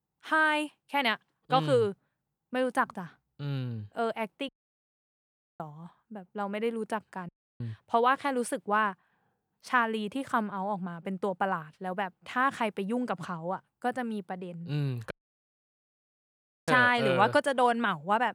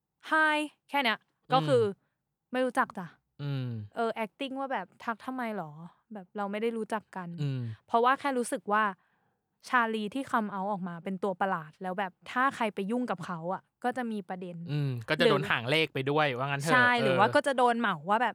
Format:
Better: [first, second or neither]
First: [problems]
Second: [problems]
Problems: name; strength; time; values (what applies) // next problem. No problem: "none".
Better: second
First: audio cutting out; at 4.5 s for 1 s, at 7.5 s and at 15 s for 1.5 s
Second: none